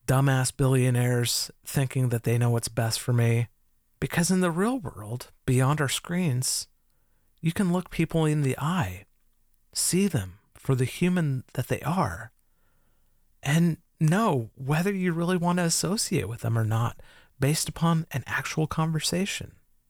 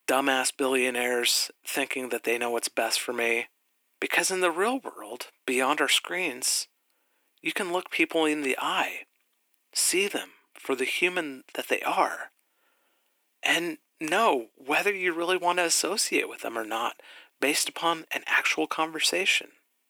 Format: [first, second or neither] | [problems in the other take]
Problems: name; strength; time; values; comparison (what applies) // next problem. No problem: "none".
first | thin; very; fading below 300 Hz